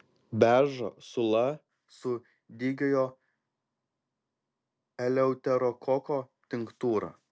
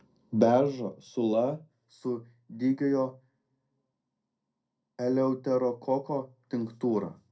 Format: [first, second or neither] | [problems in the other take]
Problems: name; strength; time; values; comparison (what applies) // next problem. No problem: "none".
first | room echo; dies away in 0.2 s